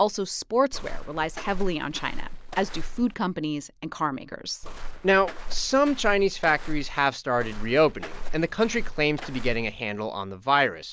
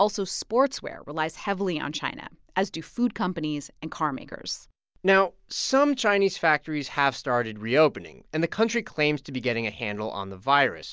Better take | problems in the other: second | background sound (Walk, footsteps); 4 dB below the speech

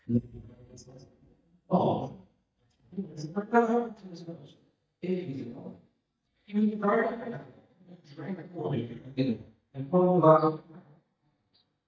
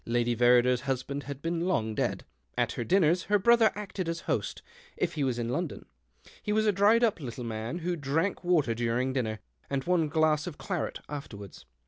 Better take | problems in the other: second | noise reduction (neural mask model DeepFilterNet 3)

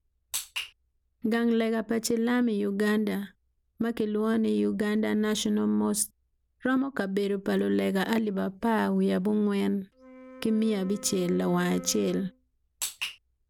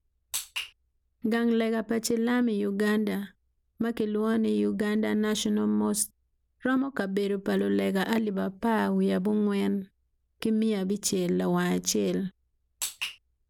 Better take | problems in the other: second | background sound (Wind instrument, woodwind instrument); 18 dB below the speech

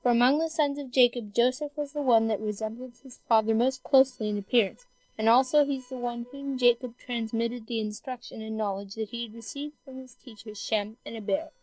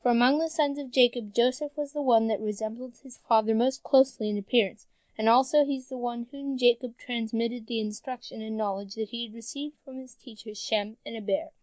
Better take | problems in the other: second | noise reduction (neural separator model SepFormer DNS4)

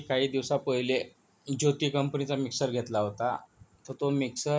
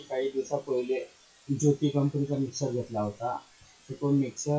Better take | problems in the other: first | noise reduction (classical method WPE with log-MMSE)

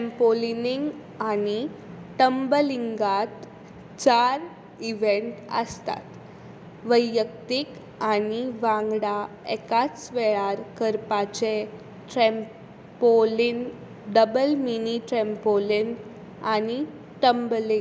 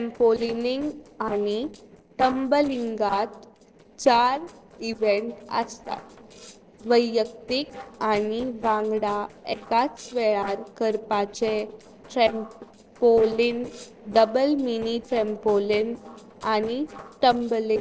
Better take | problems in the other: first | noise reduction (neural separator model SepFormer DNS4)

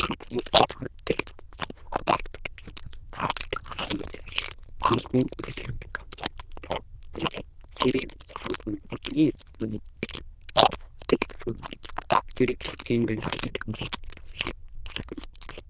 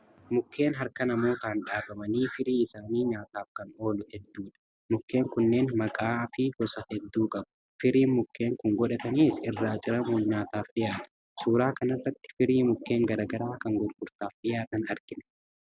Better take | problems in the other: second | noise reduction (neural diffusion model UNIVERSE++)

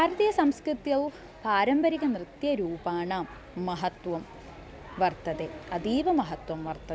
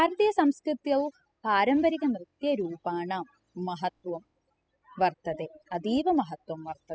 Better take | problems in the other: first | noise reduction (classical method spectral subtraction)

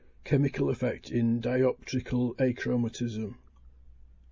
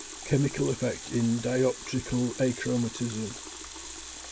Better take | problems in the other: first | background sound (Water tap, faucet); 12 dB below the speech

